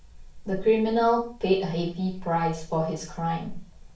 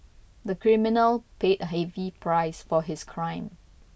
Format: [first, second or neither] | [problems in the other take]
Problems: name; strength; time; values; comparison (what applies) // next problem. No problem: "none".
second | background sound (Cricket / Frog); 15 dB below the speech // room echo; dies away in 0.4 s